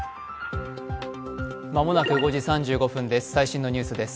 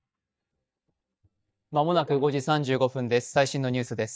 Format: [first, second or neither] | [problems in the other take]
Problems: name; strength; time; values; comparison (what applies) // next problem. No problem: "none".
first | noise reduction (neural mask model DeepFilterNet 3)